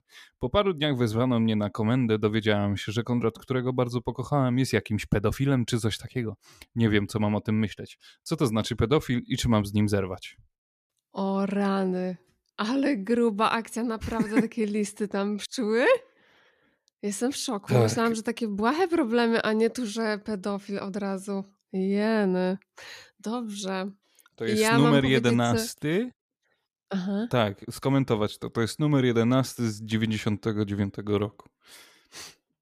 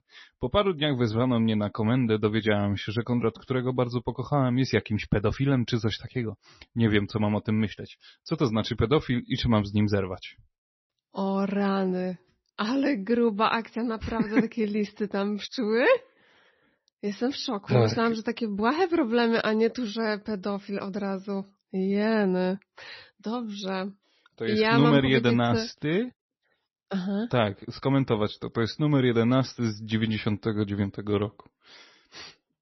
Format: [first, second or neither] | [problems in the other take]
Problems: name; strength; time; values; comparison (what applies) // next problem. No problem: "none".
first | garbled, watery; slightly; nothing above 6 kHz